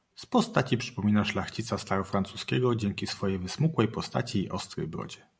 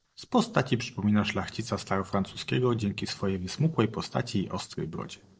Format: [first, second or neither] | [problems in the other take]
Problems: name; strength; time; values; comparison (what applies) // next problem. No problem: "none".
first | noise reduction (neural separator model SepFormer DNS4)